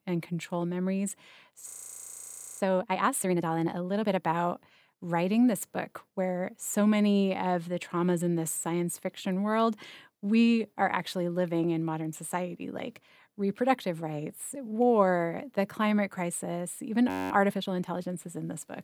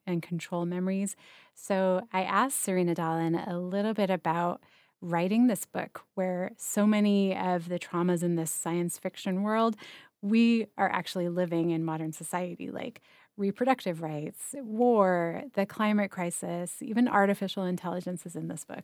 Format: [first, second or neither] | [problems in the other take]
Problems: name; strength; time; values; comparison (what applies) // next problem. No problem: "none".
second | audio freezing; at 1.5 s for 1 s and at 17 s